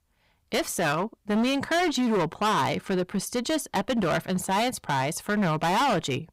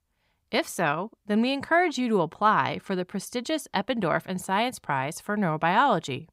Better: second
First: distortion; heavy; 19% of the sound clipped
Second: none

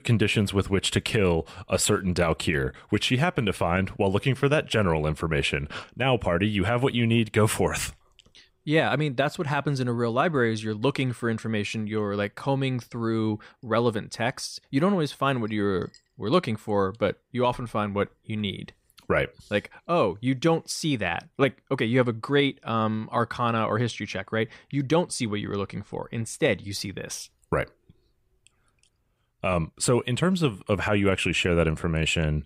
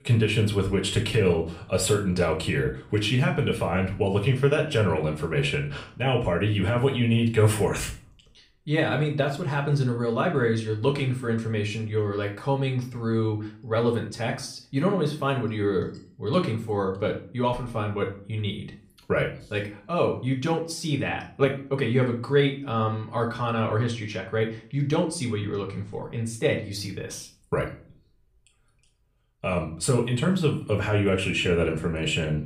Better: first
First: none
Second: room echo; slight; dies away in 0.4 s // off-mic speech; far

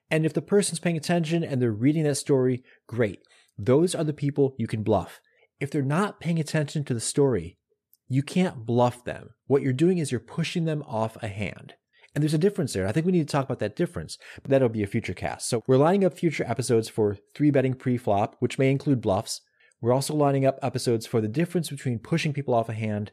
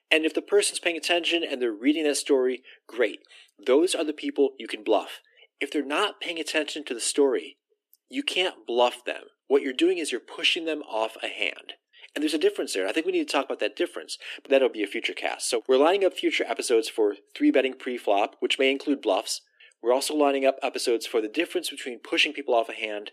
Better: first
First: none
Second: thin; somewhat; fading below 300 Hz

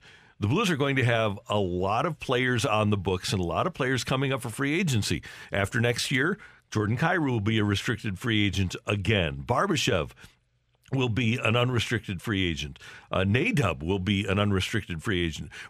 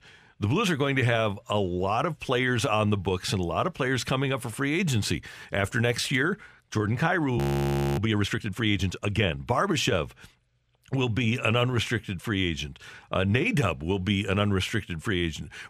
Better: first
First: none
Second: audio freezing; at 7.5 s for 0.5 s

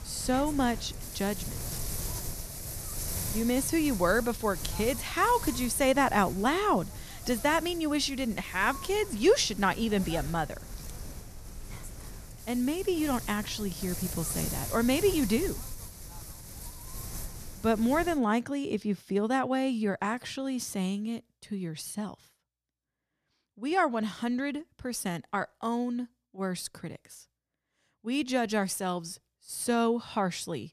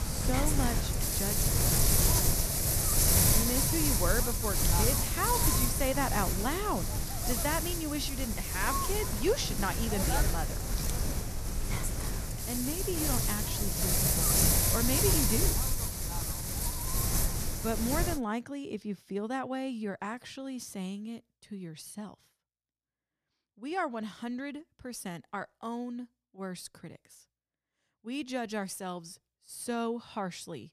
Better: first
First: wind noise on the microphone; occasional gusts; until 18 s; 15 dB below the speech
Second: wind noise on the microphone; heavy; until 18 s; 3 dB above the speech

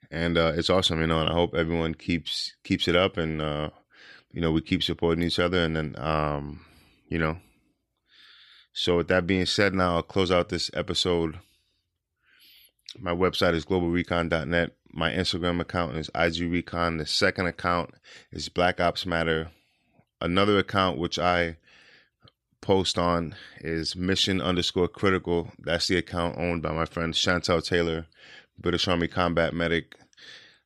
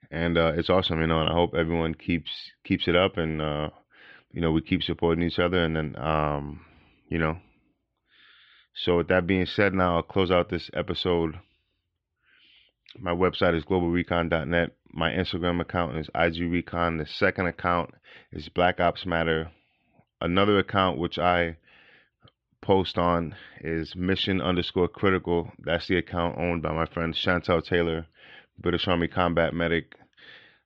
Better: first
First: none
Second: muffled; slightly; fading above 3 kHz

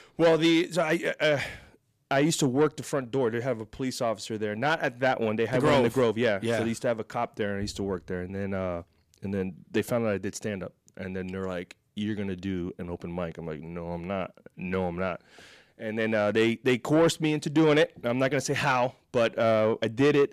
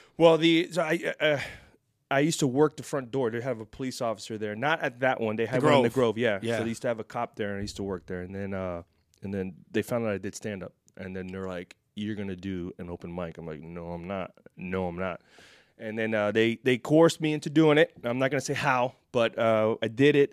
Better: second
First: distortion; slight; 10 dB below the speech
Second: none

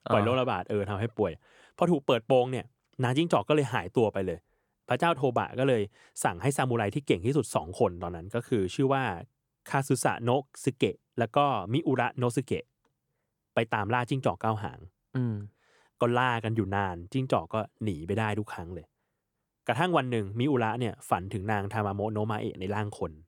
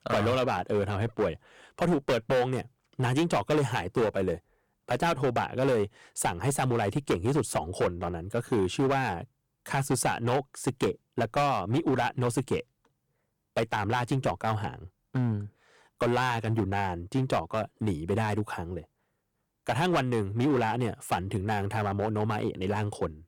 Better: first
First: none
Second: distortion; heavy; 9% of the sound clipped

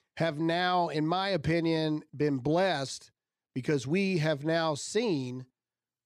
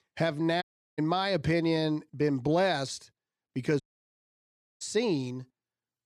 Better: first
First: none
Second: audio cutting out; at 0.5 s and at 4 s for 1 s

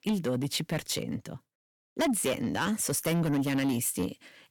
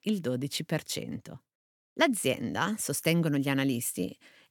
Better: second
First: distortion; heavy; 8 dB below the speech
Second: none

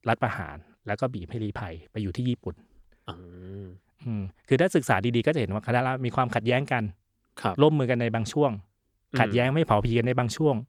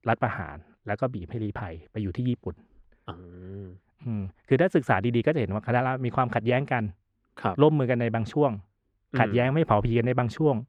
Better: first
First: none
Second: muffled; slightly; fading above 4 kHz

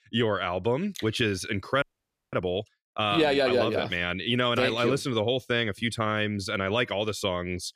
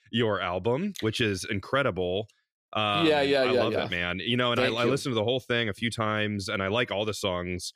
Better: second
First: audio freezing; at 2 s for 0.5 s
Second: none

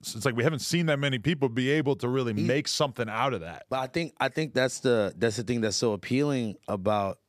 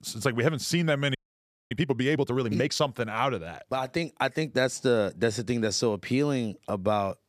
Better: first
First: none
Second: audio freezing; at 1 s for 0.5 s

